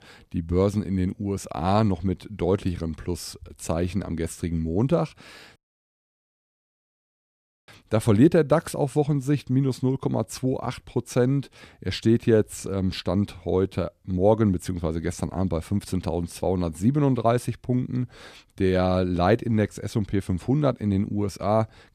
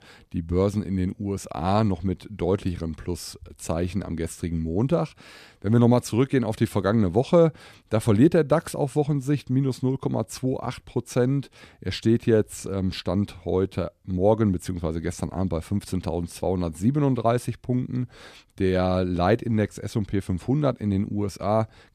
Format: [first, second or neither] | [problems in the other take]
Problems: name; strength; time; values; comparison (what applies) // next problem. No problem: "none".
second | audio cutting out; at 5.5 s for 2 s